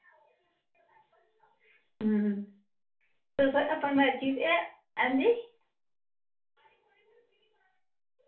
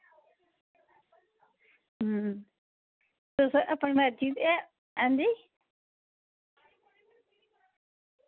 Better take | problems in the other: second | room echo; dies away in 0.3 s

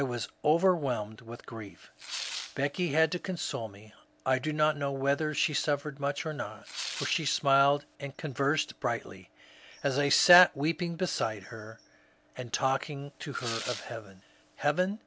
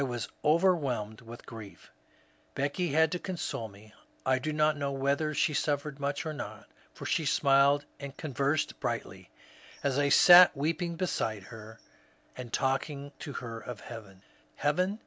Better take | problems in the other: second | background sound (Tearing); 12 dB below the speech

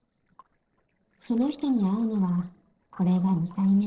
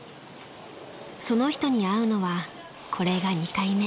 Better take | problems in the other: second | noise reduction (neural separator model SepFormer DNS4)

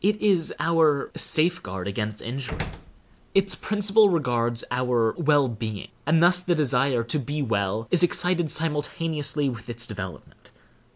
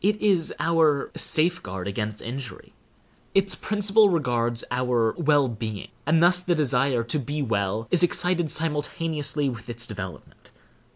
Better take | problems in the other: second | background sound (Slam); 13 dB below the speech

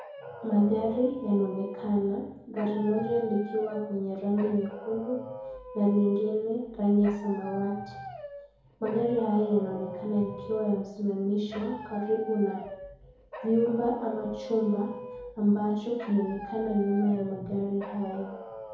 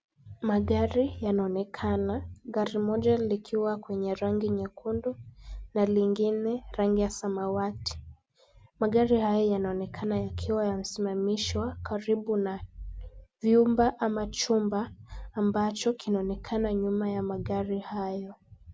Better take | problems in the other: second | background sound (Dog); 14 dB below the speech // room echo; dies away in 1.8 s

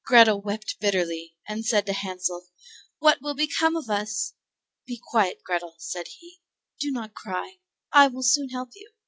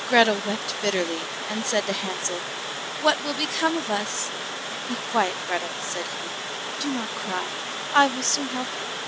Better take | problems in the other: first | background sound (Water); 4 dB below the speech

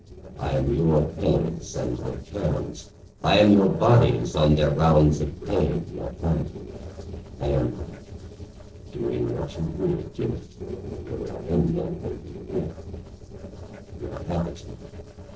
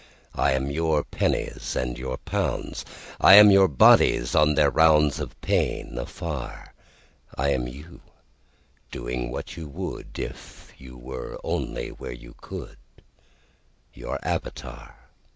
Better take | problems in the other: second | noise reduction (neural separator model SepFormer DNS4)

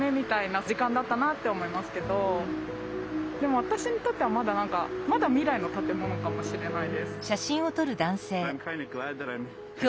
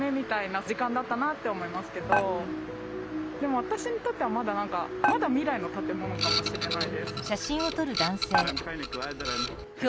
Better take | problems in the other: first | background sound (Dishes, pots, and pans + Printer); 2 dB below the speech

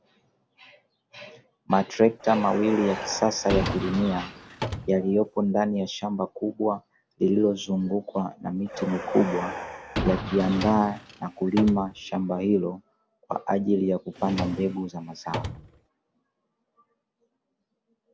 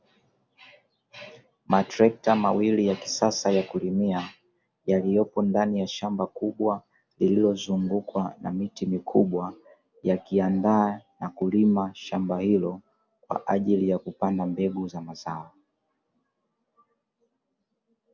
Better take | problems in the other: second | background sound (Drawer open or close + Car); 7 dB below the speech

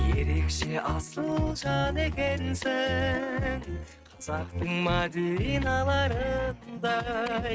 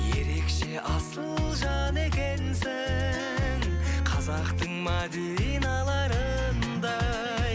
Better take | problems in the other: second | noise reduction (neural mask model RNNoise)

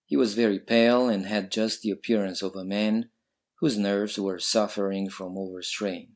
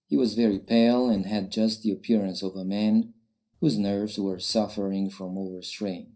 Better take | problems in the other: first | noise reduction (neural separator model SepFormer DNS4)

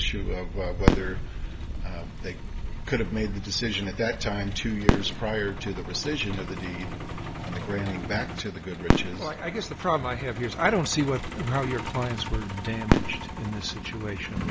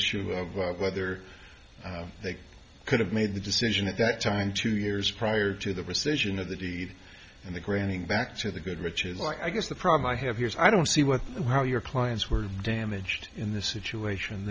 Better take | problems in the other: second | background sound (Fireworks + Truck); 1 dB above the speech

